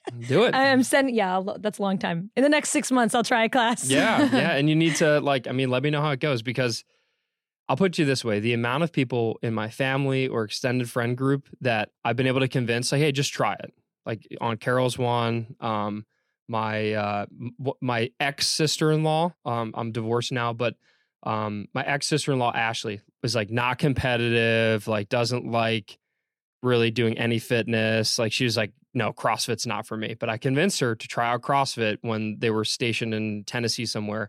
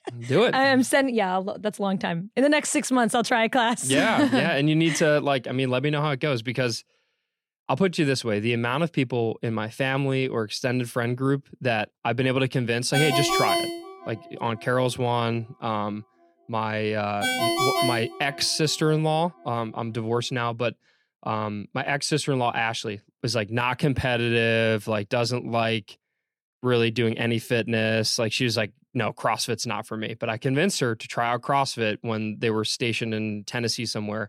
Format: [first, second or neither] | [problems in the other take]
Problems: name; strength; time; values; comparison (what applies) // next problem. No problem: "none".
first | phone ringing; loud; from 13 to 18 s; peak 2 dB above the speech